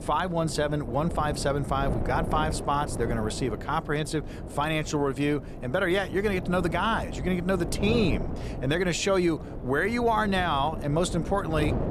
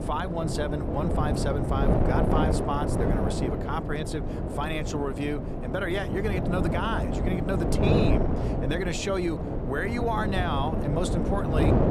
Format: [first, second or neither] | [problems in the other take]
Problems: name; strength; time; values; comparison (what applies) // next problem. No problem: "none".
first | wind noise on the microphone; heavy; 1 dB below the speech; occasional gusts in the first